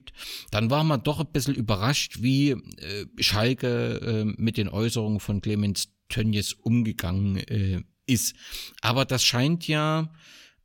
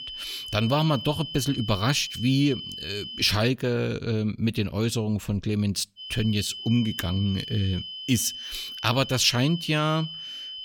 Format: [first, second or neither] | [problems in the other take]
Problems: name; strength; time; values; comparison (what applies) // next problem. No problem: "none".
first | high-pitched whine; loud; until 3.5 s and from 6 s on; 3 kHz, 9 dB below the speech